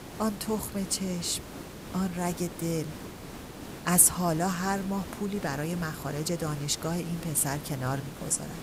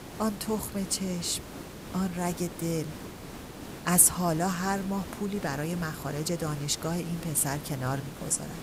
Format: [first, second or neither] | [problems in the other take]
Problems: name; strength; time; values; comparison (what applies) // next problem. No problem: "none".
neither | hiss; noticeable; throughout; 15 dB below the speech; the same in both